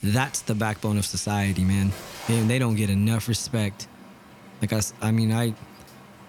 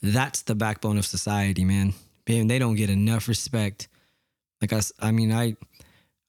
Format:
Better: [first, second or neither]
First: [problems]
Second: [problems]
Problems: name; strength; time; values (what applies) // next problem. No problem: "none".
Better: second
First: rain or running water; noticeable; throughout; 20 dB below the speech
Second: none